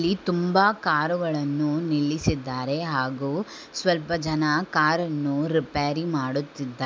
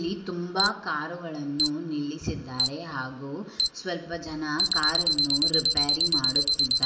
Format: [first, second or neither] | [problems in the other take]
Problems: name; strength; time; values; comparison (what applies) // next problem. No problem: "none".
first | background sound (Alarm); 3 dB above the speech // room echo; dies away in 1.2 s